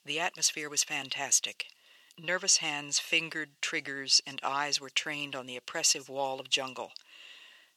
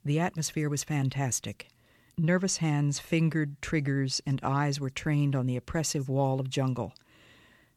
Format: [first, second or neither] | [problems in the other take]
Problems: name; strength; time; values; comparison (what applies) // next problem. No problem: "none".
second | thin; very; fading below 600 Hz